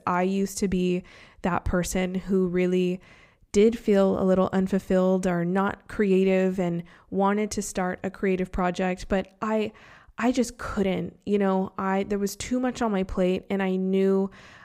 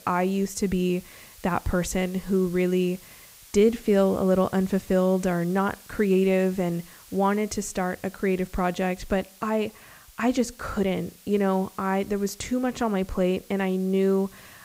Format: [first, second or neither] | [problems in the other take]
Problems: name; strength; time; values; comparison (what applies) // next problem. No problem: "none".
first | hiss; faint; throughout; 25 dB below the speech